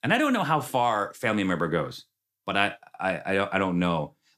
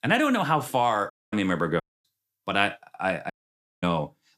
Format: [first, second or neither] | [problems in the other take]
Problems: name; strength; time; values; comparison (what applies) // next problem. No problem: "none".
first | audio cutting out; at 1 s, at 2 s and at 3.5 s for 0.5 s